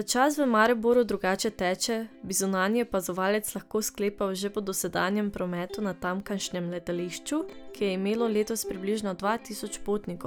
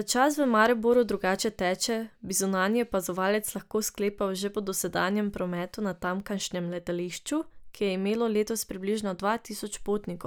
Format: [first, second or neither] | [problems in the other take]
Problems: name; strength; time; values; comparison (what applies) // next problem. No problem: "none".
second | background sound (Plucked string instrument); 19 dB below the speech